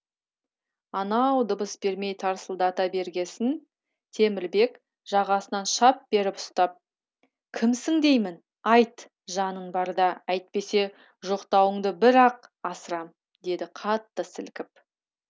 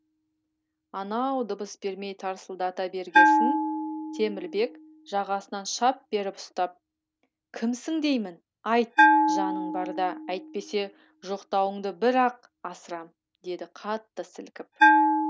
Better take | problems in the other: first | background sound (Bell); 2 dB above the speech

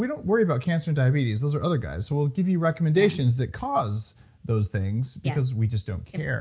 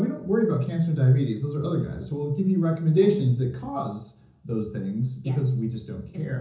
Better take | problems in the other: first | room echo; dies away in 0.6 s

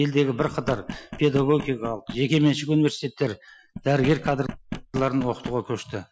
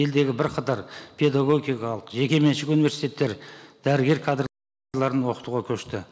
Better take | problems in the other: second | noise reduction (classical method Wiener filter)

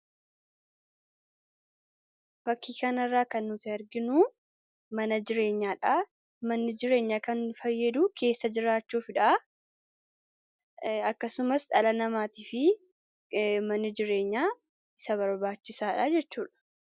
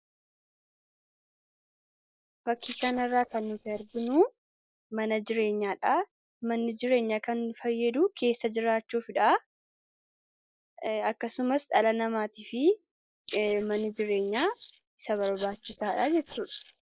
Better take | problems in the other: first | noise reduction (neural mask model Resemble Enhance denoiser)

